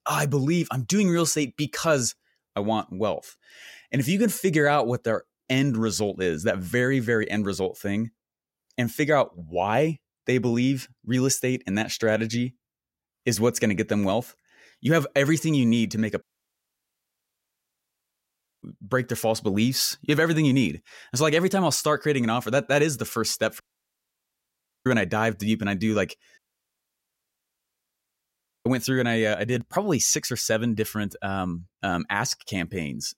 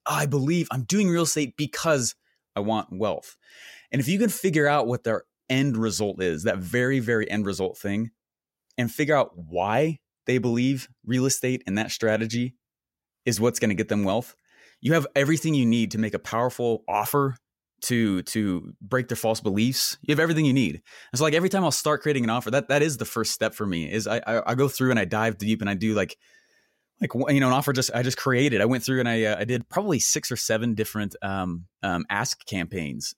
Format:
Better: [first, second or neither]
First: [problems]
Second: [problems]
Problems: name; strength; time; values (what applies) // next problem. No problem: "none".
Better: second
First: audio cutting out; at 16 s for 2.5 s, at 24 s for 1.5 s and at 26 s for 2.5 s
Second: none